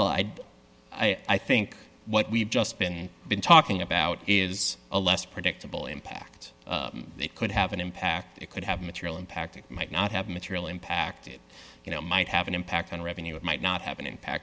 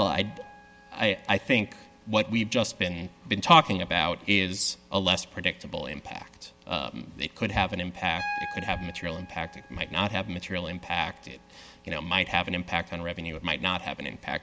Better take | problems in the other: first | background sound (Piano); 18 dB below the speech

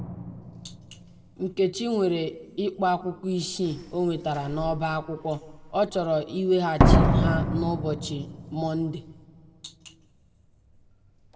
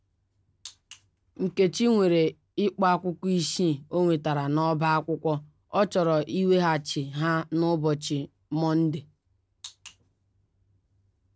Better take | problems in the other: second | background sound (Slam); as loud as the speech // room echo; dies away in 1 s

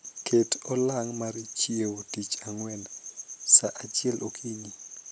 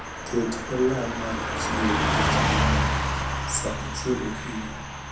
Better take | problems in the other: first | background sound (Car passing by / Truck); 3 dB above the speech // room echo; dies away in 0.6 s

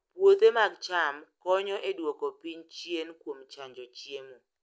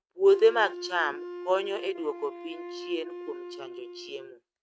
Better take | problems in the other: first | noise reduction (neural mask model RNNoise)

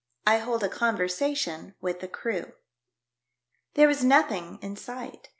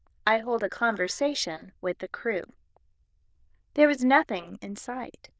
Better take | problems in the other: first | noise reduction (neural diffusion model UNIVERSE++)

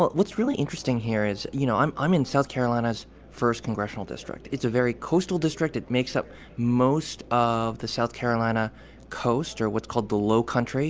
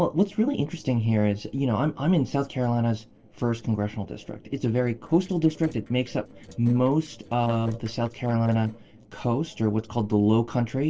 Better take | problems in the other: first | noise reduction (neural separator model SepFormer DNS4)

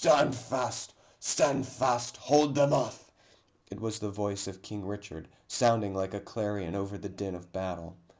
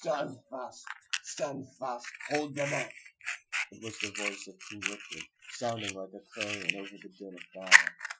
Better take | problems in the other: first | noise reduction (classical method Wiener filter)

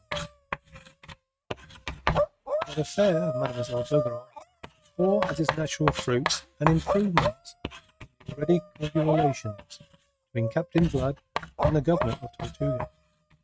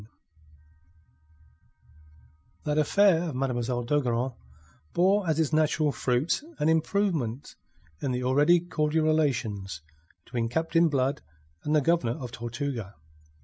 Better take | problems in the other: second | noise reduction (neural mask model RNNoise)

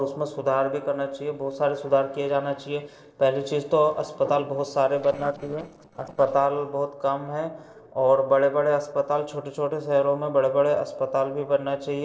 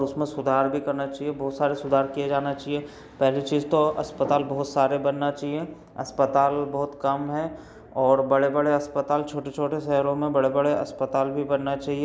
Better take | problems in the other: second | noise reduction (neural separator model SepFormer DNS4)

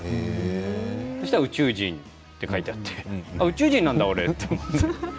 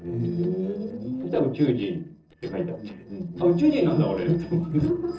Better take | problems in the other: first | noise reduction (neural separator model SepFormer DNS4)

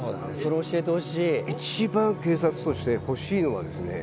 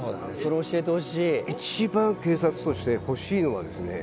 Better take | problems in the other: second | background sound (Organ); 14 dB below the speech

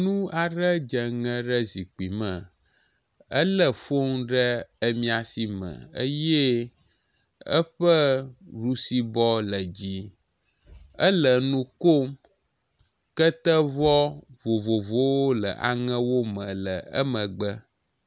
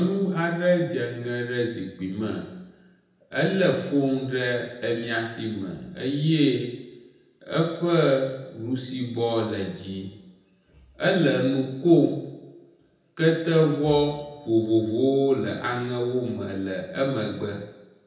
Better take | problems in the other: first | room echo; dies away in 0.9 s

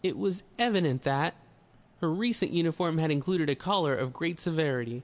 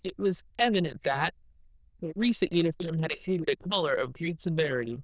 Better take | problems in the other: first | noise reduction (neural diffusion model UNIVERSE++)

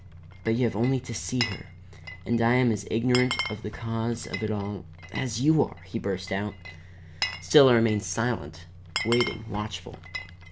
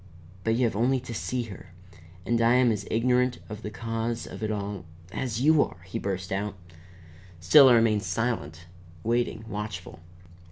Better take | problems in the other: second | background sound (Glass); 11 dB below the speech

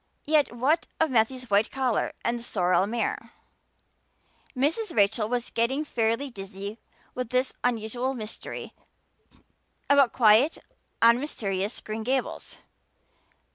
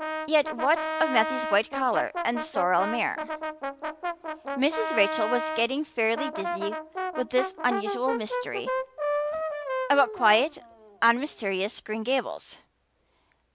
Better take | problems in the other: first | background sound (Brass instrument); 5 dB below the speech

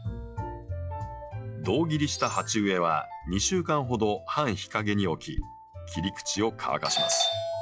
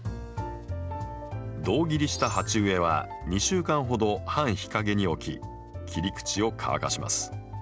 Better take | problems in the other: second | noise reduction (classical method log-MMSE)

